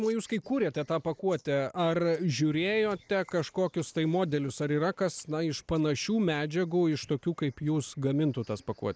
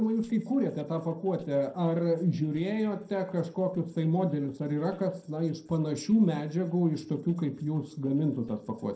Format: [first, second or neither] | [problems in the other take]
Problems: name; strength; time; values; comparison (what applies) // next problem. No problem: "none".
first | noise reduction (neural separator model SepFormer DNS4)